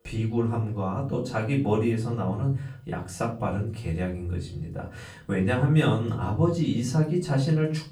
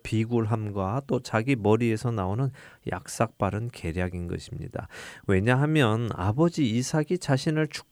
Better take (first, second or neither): second